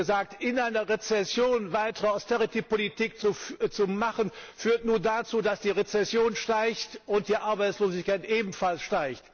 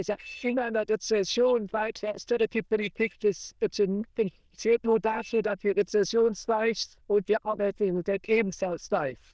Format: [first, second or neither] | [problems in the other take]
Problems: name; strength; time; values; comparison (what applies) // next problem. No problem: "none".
first | noise reduction (neural diffusion model UNIVERSE++)